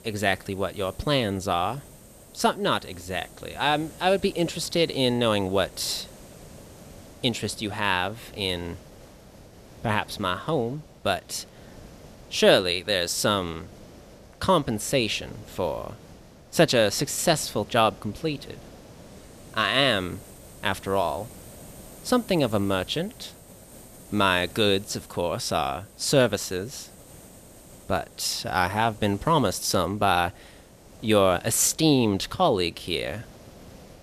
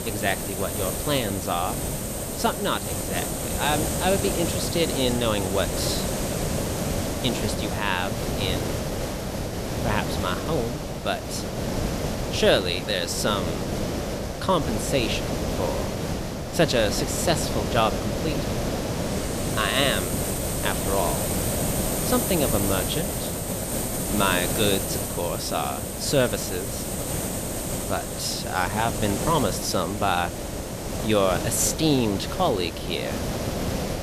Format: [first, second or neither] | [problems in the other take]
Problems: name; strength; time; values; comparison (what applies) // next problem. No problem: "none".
first | hiss; loud; throughout; 2 dB below the speech; faint in the first